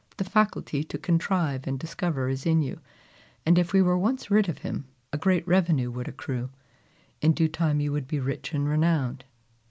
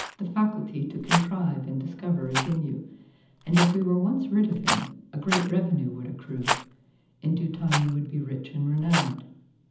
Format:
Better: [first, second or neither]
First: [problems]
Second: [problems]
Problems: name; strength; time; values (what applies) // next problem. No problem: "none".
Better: first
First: none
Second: background sound (Rattle); 7 dB below the speech // room echo; dies away in 0.8 s